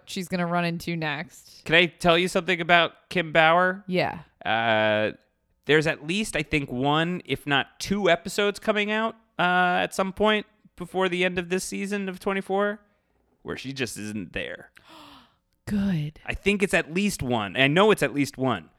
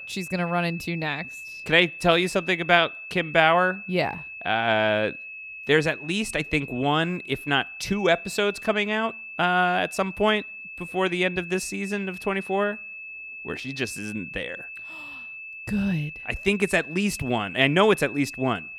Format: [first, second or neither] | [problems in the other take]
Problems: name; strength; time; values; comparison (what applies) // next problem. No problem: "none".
first | high-pitched whine; noticeable; throughout; 2.5 kHz, 10 dB below the speech